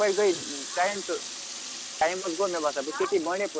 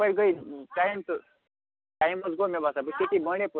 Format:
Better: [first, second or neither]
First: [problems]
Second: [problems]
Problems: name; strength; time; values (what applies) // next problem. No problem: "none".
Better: second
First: background sound (Water tap, faucet); 9 dB below the speech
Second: none